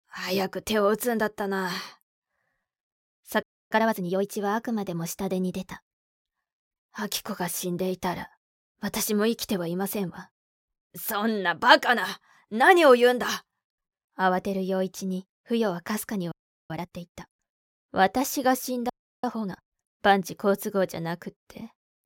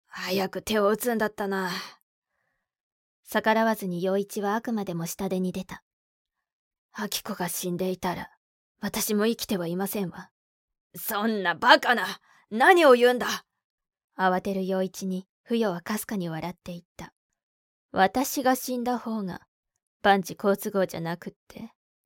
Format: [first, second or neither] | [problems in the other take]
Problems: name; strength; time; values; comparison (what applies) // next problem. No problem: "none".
second | audio freezing; at 3.5 s, at 16 s and at 19 s